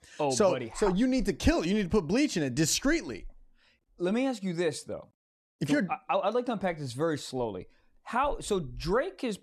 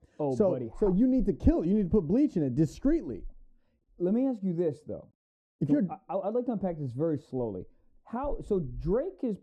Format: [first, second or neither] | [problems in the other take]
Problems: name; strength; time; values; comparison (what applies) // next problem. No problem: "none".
first | muffled; very; fading above 1 kHz